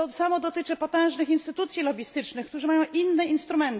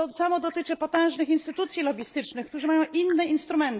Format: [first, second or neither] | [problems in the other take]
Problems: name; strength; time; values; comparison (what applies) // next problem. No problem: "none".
first | noise reduction (neural mask model Resemble Enhance denoiser)